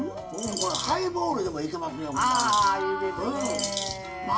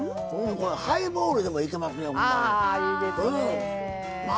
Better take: second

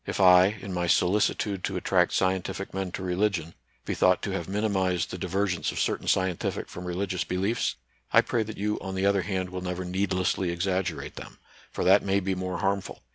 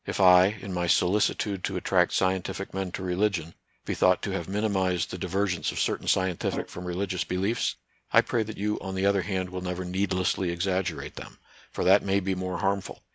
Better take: first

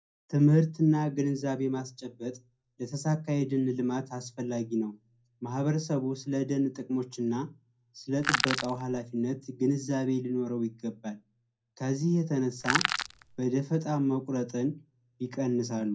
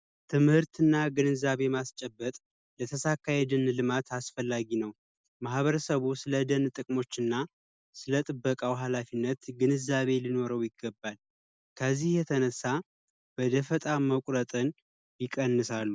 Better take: second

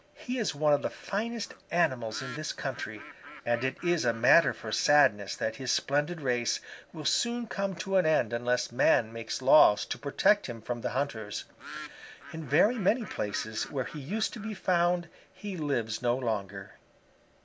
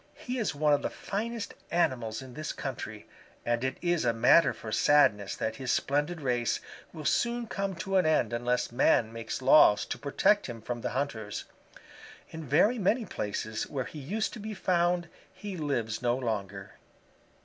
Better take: second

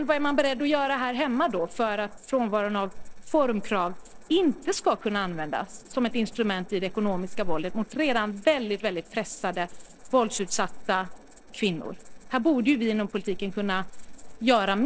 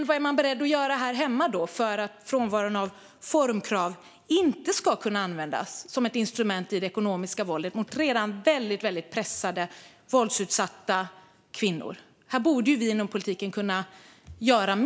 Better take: second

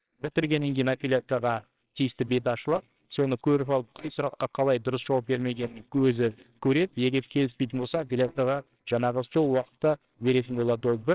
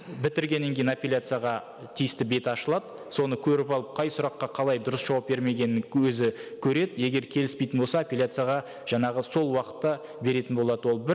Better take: second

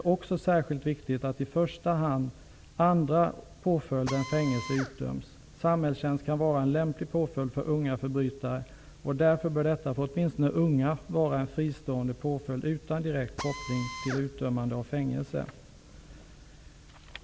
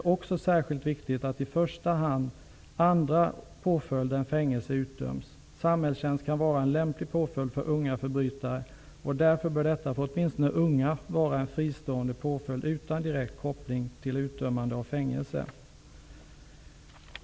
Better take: second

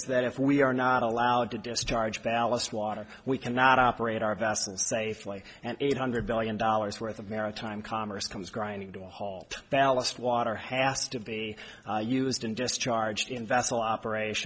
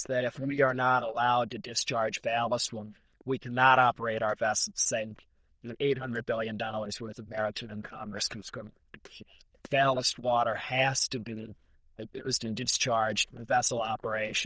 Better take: first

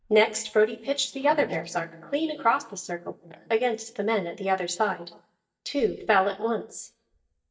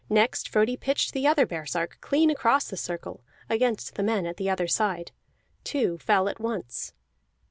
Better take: second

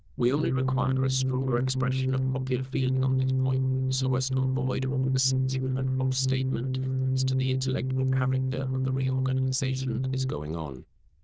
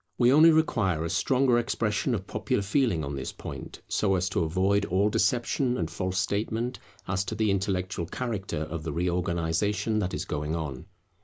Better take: second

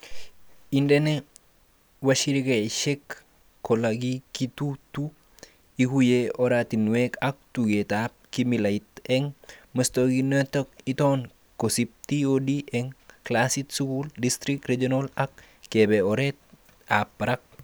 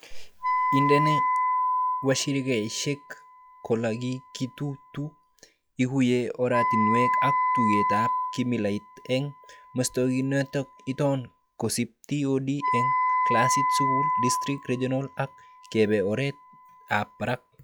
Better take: first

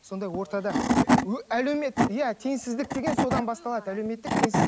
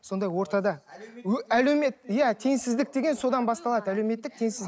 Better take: second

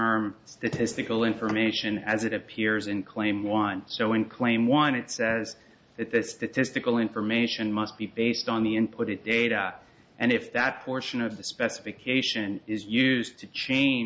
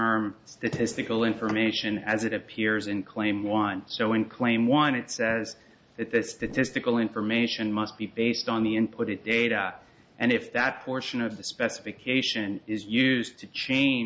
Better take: first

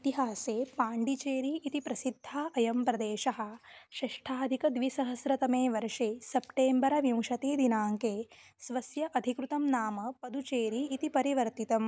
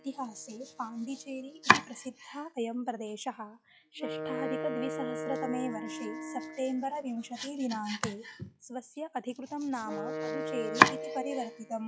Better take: first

